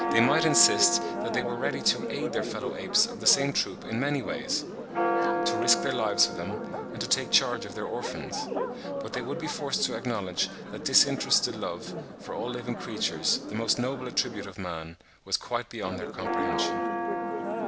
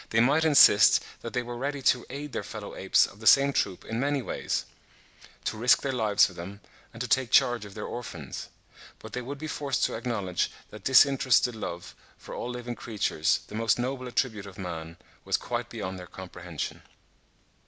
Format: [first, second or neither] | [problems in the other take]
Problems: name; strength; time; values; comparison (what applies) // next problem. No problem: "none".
second | background sound (Church bell); 3 dB below the speech